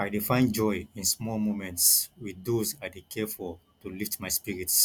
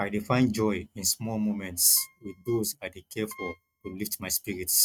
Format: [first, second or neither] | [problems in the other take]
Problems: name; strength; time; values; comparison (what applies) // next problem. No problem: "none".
first | noise reduction (neural mask model RNNoise)